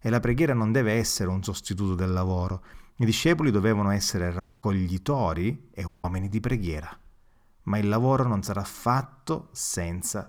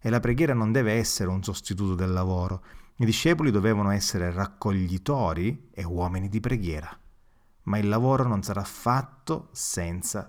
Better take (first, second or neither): second